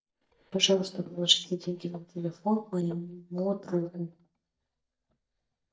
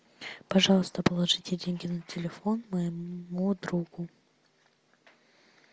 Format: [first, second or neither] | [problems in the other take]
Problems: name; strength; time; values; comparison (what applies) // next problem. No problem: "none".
second | noise reduction (neural mask model DeepFilterNet 3)